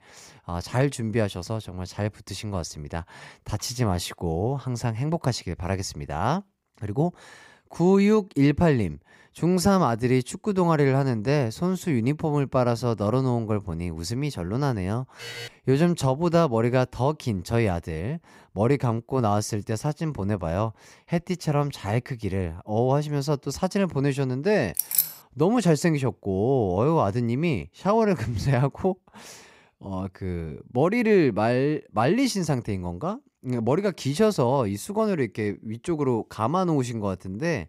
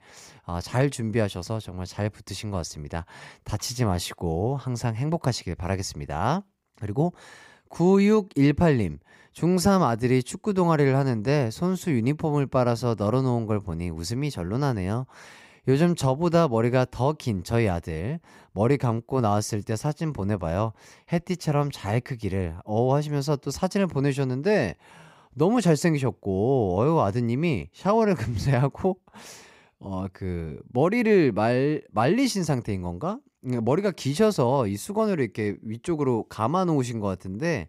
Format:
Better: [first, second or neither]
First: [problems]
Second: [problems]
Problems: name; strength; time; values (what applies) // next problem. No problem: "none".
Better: second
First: alarm; faint; at 15 s; peak 10 dB below the speech // jangling keys; loud; at 25 s; peak 3 dB above the speech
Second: none